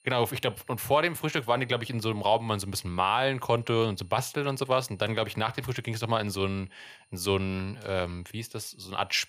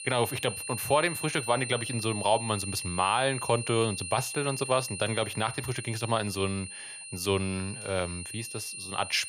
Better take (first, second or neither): first